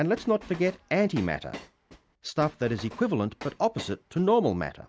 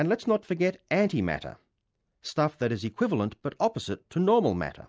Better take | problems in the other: second | background sound (Train); 18 dB below the speech

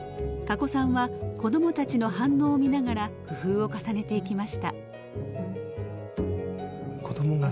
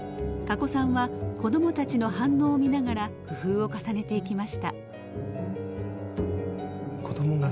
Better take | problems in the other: first | background sound (Bowed string instrument); 13 dB below the speech

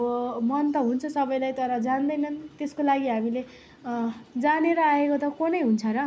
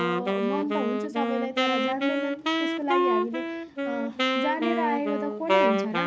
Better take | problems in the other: first | background sound (Wind instrument, woodwind instrument); 4 dB above the speech

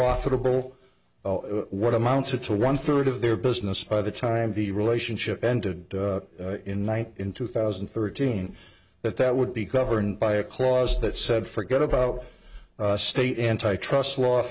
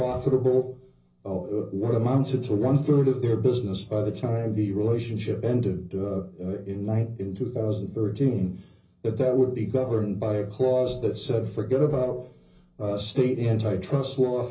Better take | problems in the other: first | room echo; dies away in 0.5 s

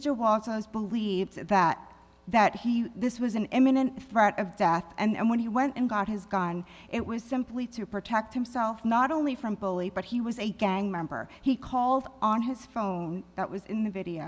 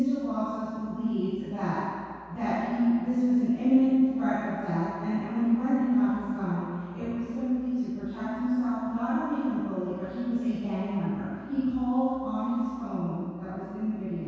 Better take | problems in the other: first | room echo; dies away in 2 s

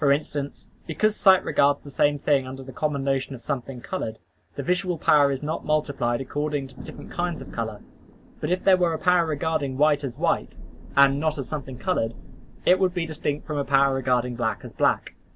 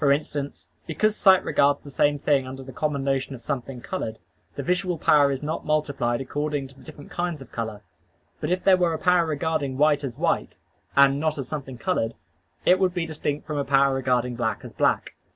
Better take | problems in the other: second | background sound (Thunder); 18 dB below the speech

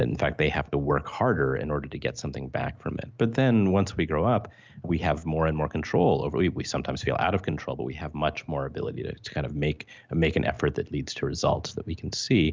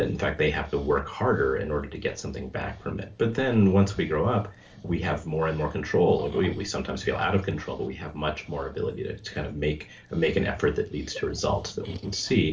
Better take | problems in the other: first | noise reduction (neural separator model SepFormer DNS4)

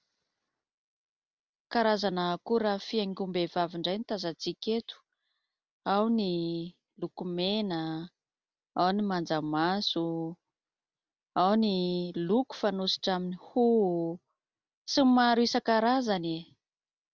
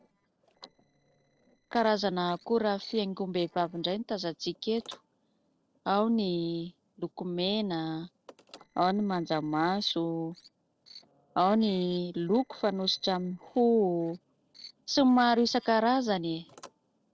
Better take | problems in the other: first | noise reduction (neural separator model SepFormer DNS4)

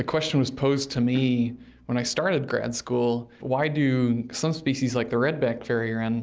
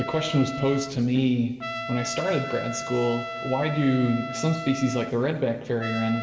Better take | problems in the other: first | background sound (Trumpet); 9 dB below the speech // room echo; dies away in 2.6 s

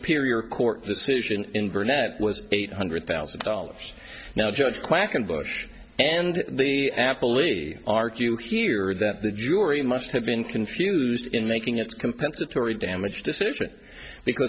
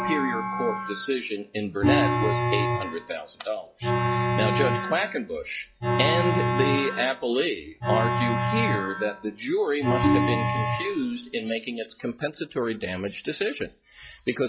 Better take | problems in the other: first | noise reduction (classical method log-MMSE)

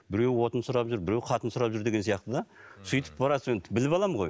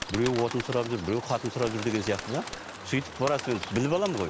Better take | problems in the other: first | background sound (Bird); 9 dB below the speech

